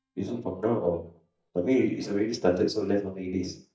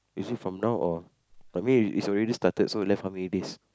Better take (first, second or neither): second